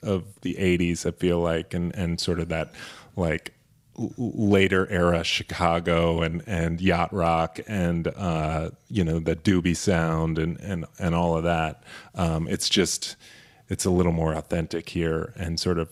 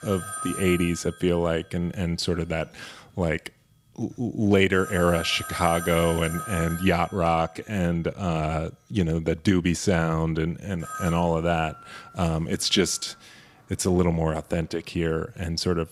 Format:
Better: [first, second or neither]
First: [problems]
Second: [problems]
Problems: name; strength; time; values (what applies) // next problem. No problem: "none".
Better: first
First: none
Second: alarms or sirens; noticeable; throughout; 10 dB below the speech